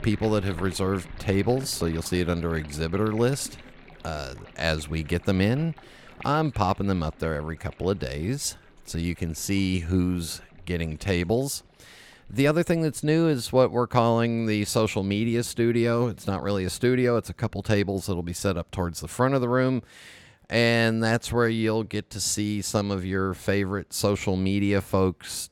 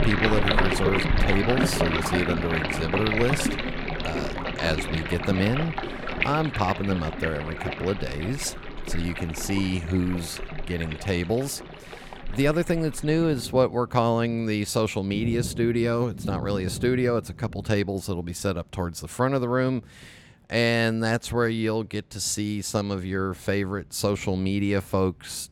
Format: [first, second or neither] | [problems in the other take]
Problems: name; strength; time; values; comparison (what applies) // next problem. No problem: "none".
first | rain or running water; loud; throughout; 3 dB below the speech; faint in the first